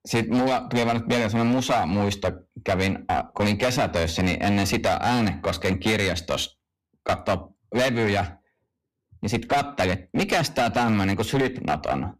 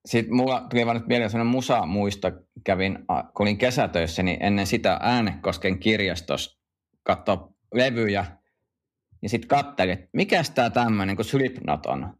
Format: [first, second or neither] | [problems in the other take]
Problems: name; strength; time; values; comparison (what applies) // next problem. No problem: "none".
second | distortion; heavy; 15% of the sound clipped